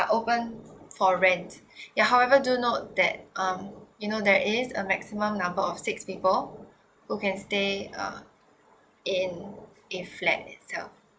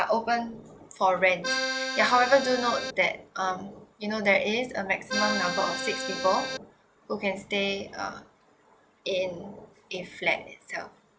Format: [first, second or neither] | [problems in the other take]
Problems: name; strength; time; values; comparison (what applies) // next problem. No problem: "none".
first | background sound (Accordion); 2 dB below the speech